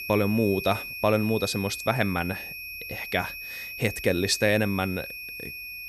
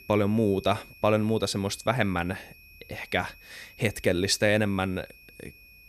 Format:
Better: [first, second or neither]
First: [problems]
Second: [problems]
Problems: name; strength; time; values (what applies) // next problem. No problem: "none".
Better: second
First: high-pitched whine; loud; throughout; 2.5 kHz, 8 dB below the speech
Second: high-pitched whine; faint; throughout; 2.5 kHz, 25 dB below the speech